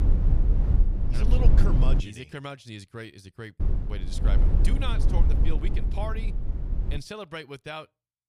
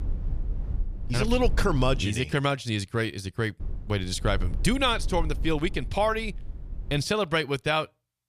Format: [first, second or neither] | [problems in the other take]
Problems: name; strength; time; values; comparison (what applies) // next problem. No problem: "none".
second | low rumble; loud; until 2 s and from 3.5 to 7 s; 3 dB below the speech; faint in the second